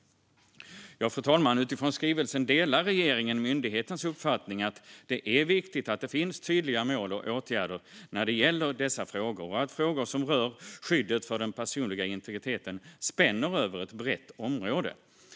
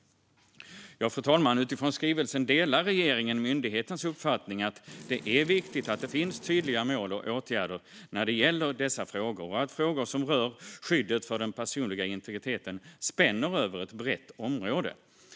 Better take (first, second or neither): first